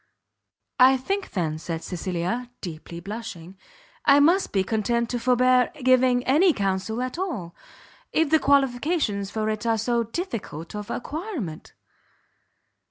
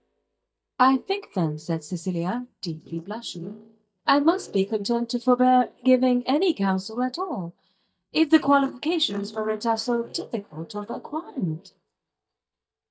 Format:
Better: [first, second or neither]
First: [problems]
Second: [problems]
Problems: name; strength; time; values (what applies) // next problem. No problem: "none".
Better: first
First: none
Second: noise reduction (neural mask model DeepFilterNet 3)